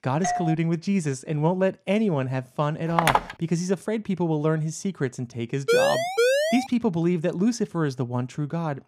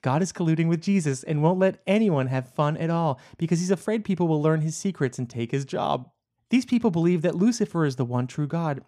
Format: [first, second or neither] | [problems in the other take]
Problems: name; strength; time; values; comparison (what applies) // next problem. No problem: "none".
second | doorbell; noticeable; at the start; peak 2 dB below the speech // phone ringing; loud; at 3 s; peak 3 dB above the speech // siren; loud; at 5.5 s; peak 5 dB above the speech